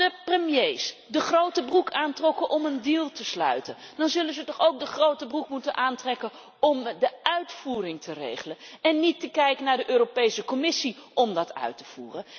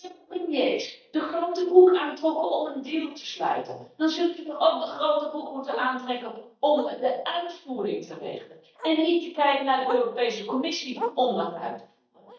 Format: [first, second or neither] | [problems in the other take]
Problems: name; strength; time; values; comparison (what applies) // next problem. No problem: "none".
first | noise reduction (neural mask model DeepFilterNet 3)